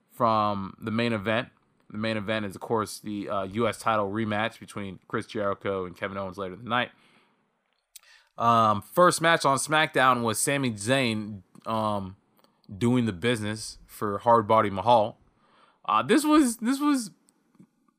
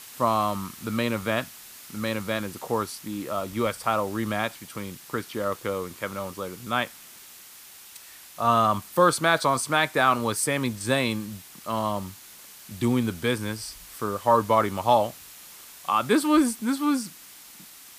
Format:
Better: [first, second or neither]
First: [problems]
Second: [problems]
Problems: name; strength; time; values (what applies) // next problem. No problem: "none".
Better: first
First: none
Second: hiss; noticeable; throughout; 20 dB below the speech